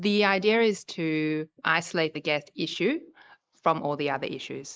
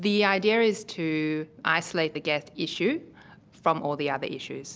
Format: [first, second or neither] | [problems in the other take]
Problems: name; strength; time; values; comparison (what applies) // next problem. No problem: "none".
second | noise reduction (neural mask model Resemble Enhance denoiser)